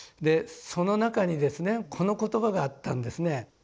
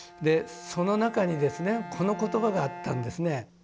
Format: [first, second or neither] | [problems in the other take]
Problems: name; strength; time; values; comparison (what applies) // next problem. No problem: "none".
first | background sound (Bowed string instrument); 14 dB below the speech